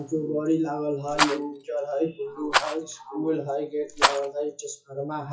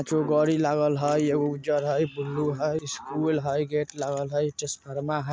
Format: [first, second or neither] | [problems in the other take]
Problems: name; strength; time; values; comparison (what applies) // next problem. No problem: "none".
second | noise reduction (classical method WPE with log-MMSE)